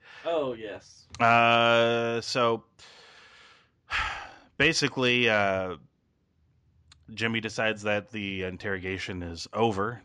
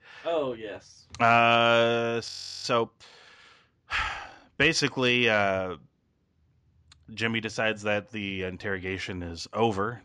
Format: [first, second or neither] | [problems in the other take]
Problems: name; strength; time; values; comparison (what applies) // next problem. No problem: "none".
first | audio freezing; at 2.5 s